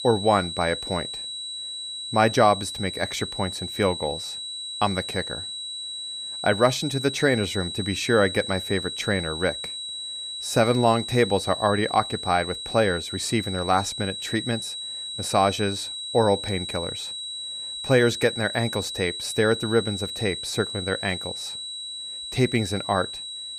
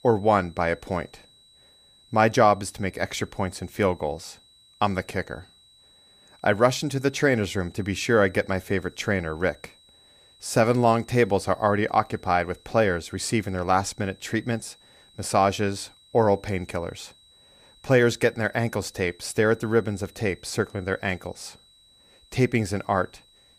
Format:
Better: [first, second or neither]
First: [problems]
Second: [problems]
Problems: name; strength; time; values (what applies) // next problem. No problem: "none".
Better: second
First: high-pitched whine; loud; throughout; 4 kHz, 6 dB below the speech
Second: high-pitched whine; faint; throughout; 4 kHz, 30 dB below the speech